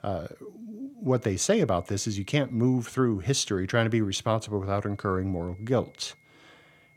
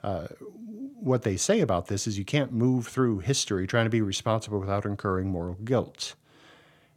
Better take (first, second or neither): second